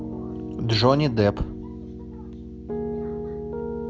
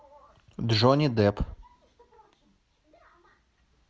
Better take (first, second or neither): second